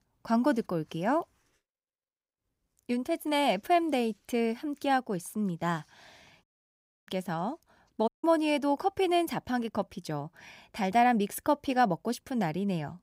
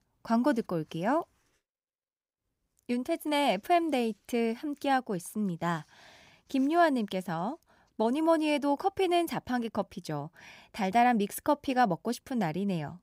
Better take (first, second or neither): second